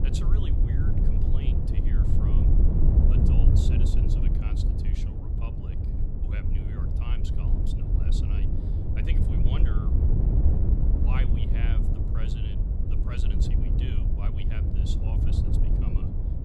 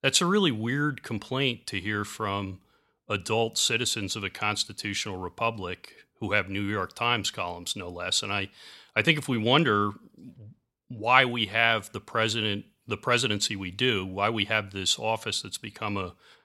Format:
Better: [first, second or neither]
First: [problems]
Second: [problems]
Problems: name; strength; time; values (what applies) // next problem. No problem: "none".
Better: second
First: wind noise on the microphone; heavy; 4 dB above the speech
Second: none